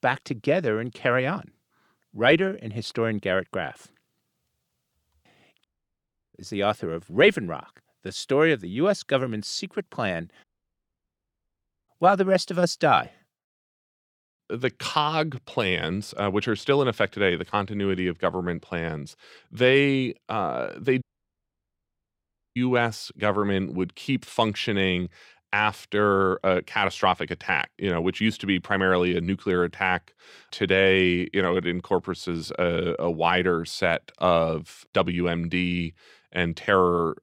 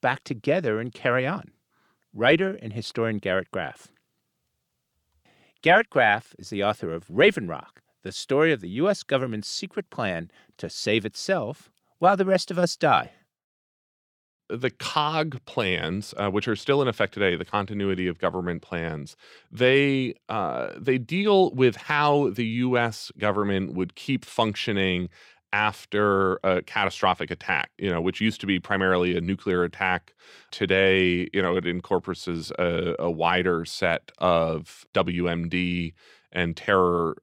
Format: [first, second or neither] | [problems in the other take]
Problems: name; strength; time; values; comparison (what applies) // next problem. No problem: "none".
second | audio cutting out; at 5.5 s for 0.5 s, at 10 s for 1.5 s and at 21 s for 1.5 s